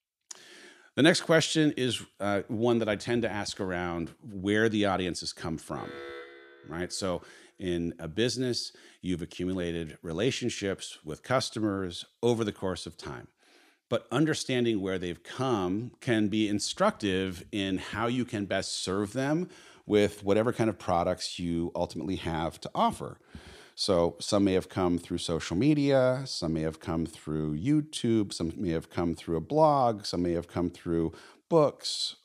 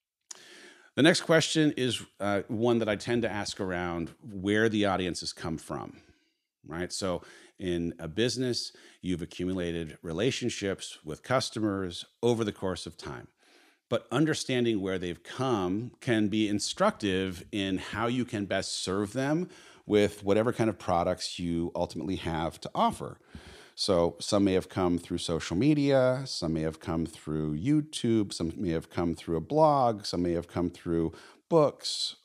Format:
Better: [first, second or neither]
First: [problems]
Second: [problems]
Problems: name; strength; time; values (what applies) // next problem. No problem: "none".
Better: second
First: alarm; faint; from 5.5 to 7 s; peak 10 dB below the speech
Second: none